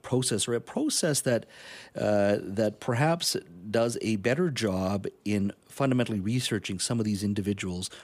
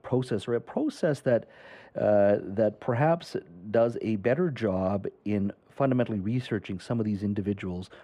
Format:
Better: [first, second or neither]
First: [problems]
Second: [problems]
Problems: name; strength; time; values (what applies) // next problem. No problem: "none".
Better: first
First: none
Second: muffled; very; fading above 3.5 kHz